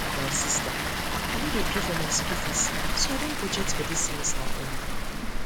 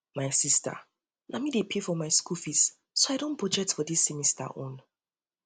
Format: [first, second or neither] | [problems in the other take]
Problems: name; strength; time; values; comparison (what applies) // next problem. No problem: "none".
second | background sound (Water); 5 dB above the speech